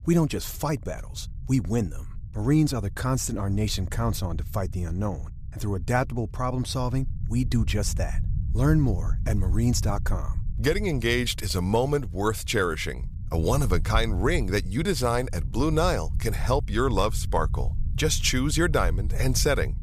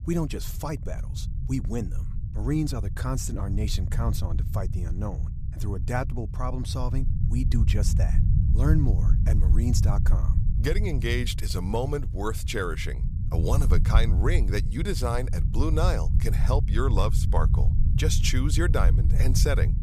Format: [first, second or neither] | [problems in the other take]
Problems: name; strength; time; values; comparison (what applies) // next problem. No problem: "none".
first | low rumble; loud; throughout; 9 dB below the speech; faint in the first